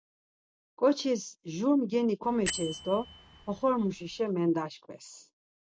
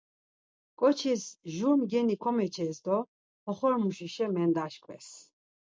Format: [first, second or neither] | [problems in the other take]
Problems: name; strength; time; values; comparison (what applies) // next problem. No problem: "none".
second | background sound (Bell); 11 dB below the speech